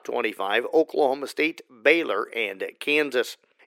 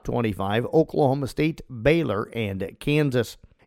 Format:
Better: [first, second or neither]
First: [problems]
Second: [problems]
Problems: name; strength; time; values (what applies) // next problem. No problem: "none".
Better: second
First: thin; somewhat; fading below 350 Hz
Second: none